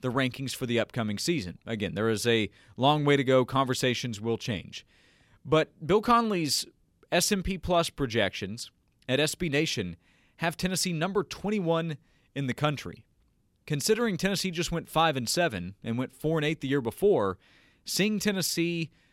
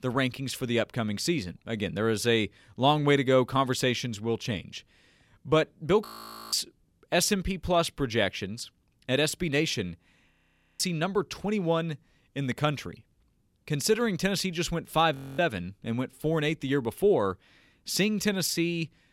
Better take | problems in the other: first | audio freezing; at 6 s, at 10 s and at 15 s

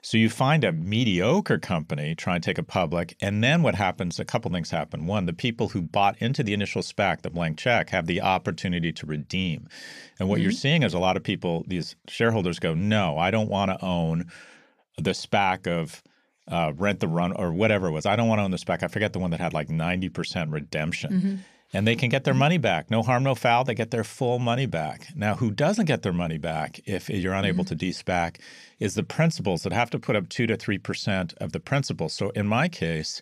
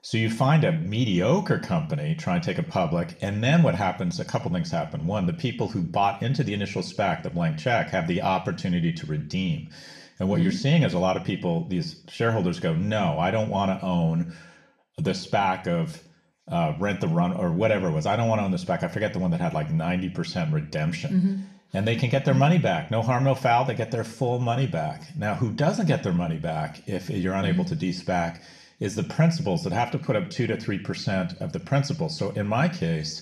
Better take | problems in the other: first | room echo; very slight; dies away in 0.4 s // off-mic speech; somewhat distant

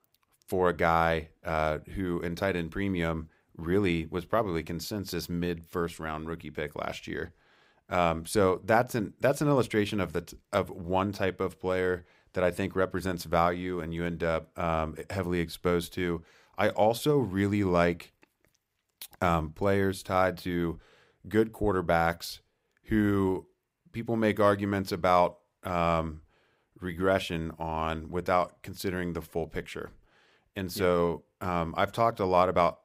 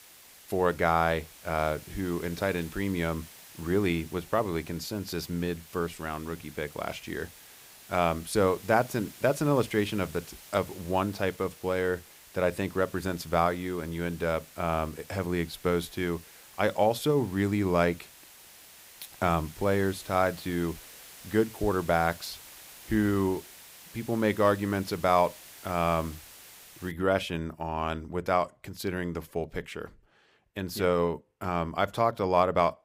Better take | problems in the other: first | hiss; noticeable; until 27 s; 20 dB below the speech

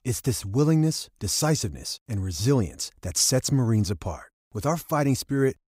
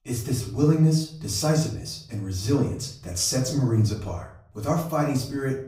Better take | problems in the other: first | room echo; slight; dies away in 0.5 s // off-mic speech; far

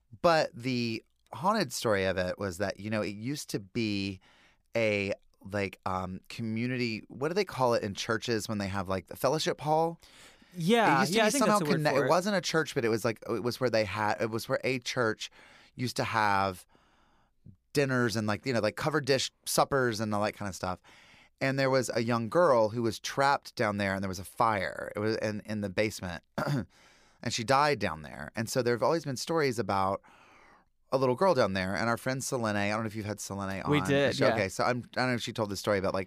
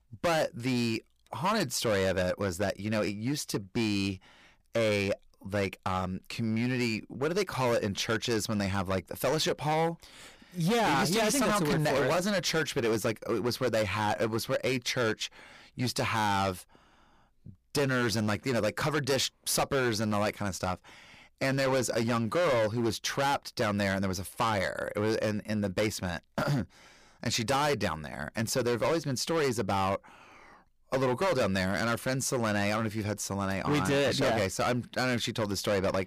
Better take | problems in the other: first | distortion; heavy; 14% of the sound clipped

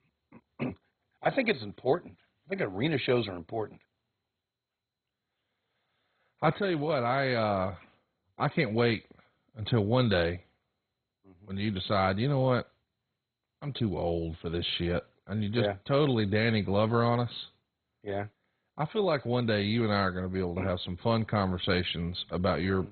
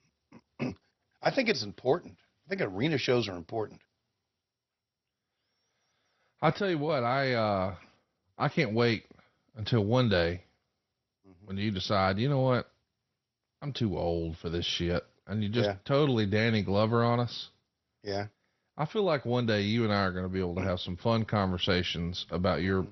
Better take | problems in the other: second | garbled, watery; badly; nothing above 4 kHz; slightly in the second

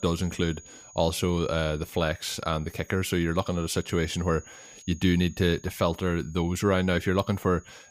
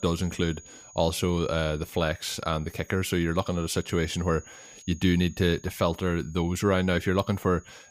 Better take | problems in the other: neither | high-pitched whine; faint; throughout; 6.5 kHz, 20 dB below the speech; the same in both

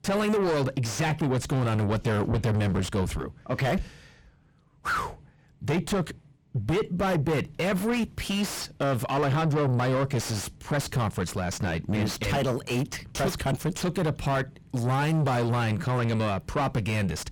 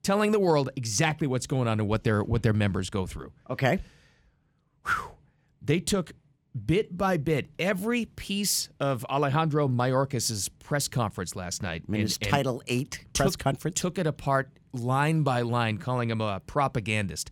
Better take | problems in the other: second | distortion; heavy; 5 dB below the speech

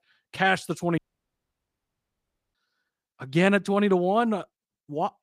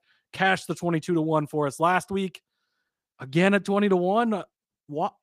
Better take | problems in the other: second | audio cutting out; at 1 s for 1.5 s

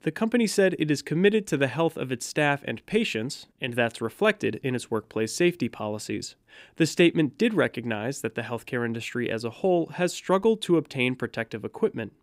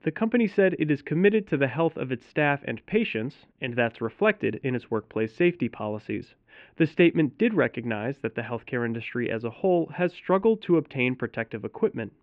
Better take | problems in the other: first | muffled; very; fading above 2.5 kHz

